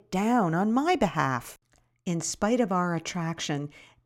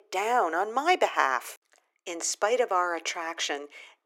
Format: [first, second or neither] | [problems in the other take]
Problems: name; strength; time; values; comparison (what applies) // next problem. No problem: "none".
first | thin; very; fading below 350 Hz